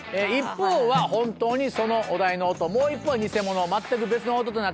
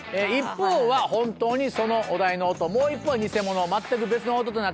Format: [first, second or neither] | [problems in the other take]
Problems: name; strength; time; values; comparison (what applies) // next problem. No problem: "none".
second | background sound (Snare drum); 14 dB below the speech